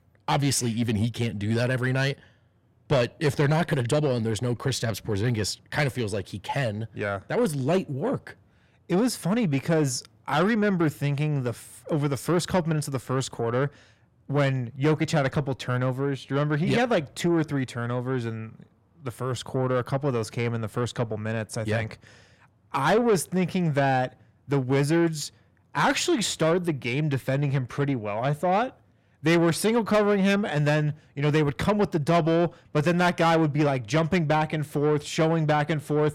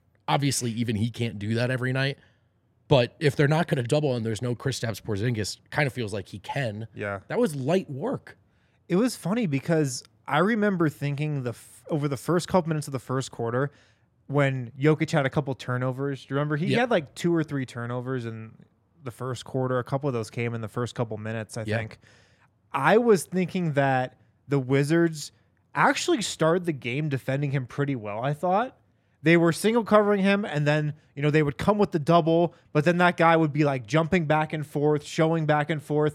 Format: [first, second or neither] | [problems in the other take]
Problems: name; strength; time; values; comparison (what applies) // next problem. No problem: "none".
second | distortion; slight; 10 dB below the speech